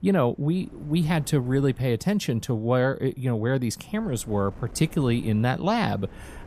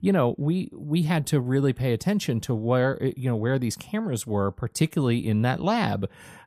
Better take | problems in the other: second | wind noise on the microphone; occasional gusts; 25 dB below the speech

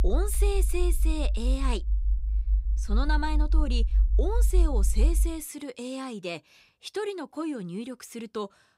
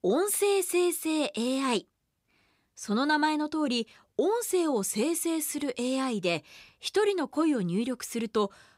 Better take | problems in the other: second | low rumble; noticeable; until 5.5 s; 15 dB below the speech

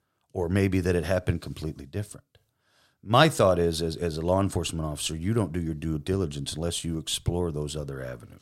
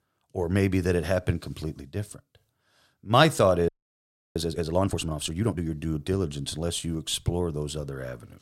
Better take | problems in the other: first | audio freezing; at 3.5 s for 0.5 s

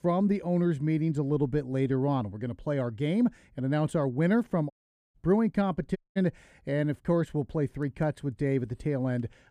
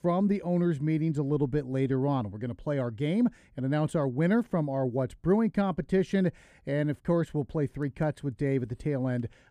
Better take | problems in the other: second | audio cutting out; at 4.5 s and at 6 s

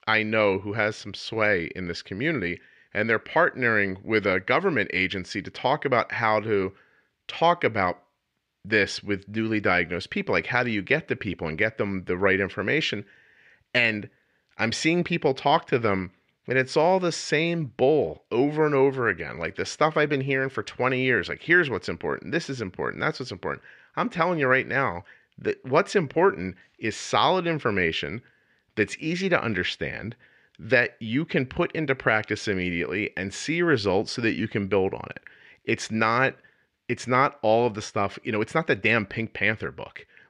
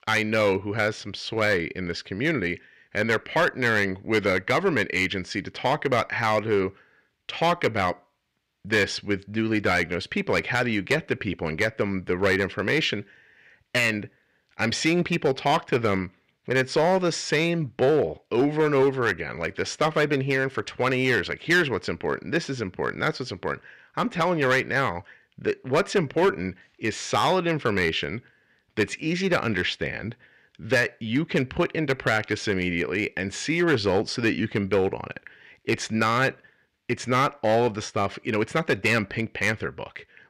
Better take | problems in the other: first | distortion; slight; 3% of the sound clipped

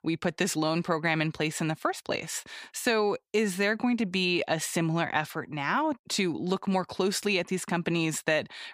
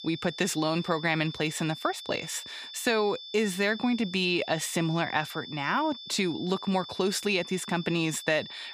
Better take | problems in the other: first | high-pitched whine; noticeable; throughout; 3.5 kHz, 10 dB below the speech

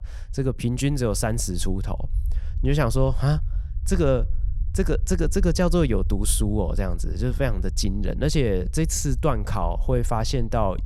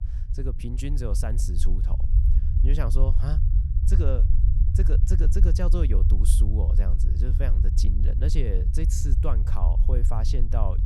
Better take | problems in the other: first | low rumble; loud; throughout; 5 dB below the speech; faint in the first

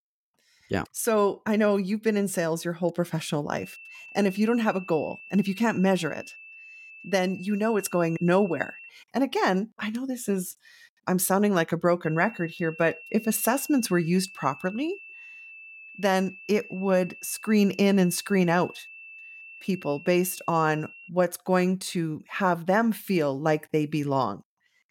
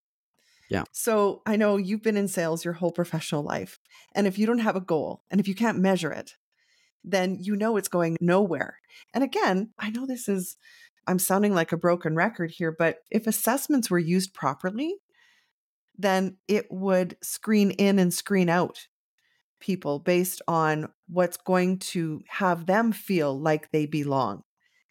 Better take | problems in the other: second | high-pitched whine; noticeable; from 3.5 to 9 s and from 12 to 21 s; 2.5 kHz, 15 dB below the speech

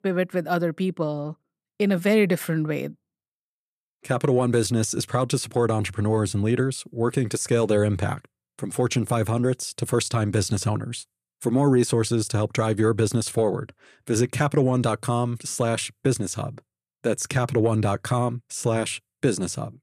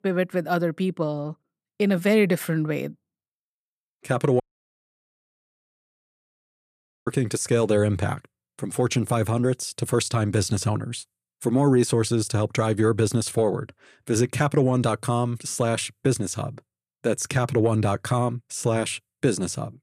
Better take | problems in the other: first | audio cutting out; at 4.5 s for 2.5 s

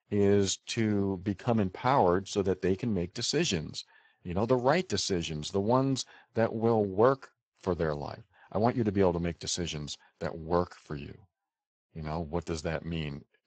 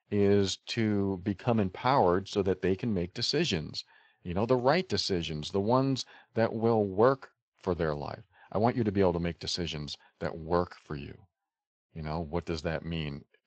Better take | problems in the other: second | garbled, watery; badly; nothing above 7.5 kHz; slightly in the second

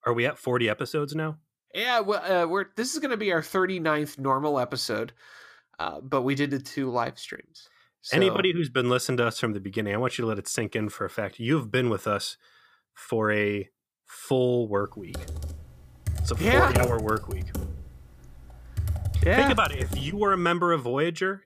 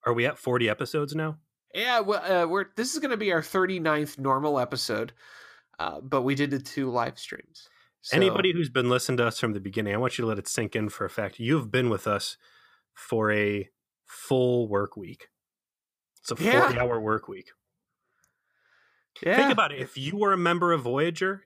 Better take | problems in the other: second | keyboard typing; noticeable; from 15 to 20 s; peak level with the speech

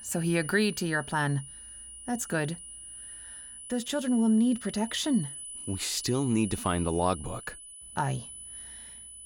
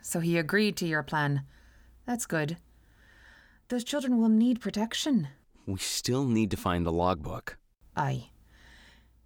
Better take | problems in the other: second | high-pitched whine; noticeable; throughout; 10 kHz, 10 dB below the speech

